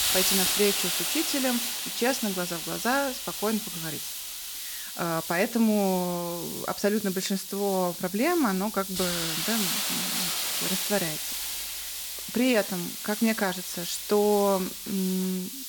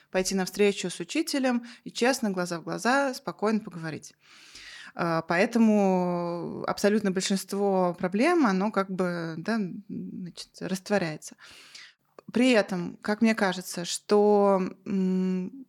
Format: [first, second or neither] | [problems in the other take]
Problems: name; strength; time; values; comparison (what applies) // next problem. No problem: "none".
second | hiss; loud; throughout; 1 dB below the speech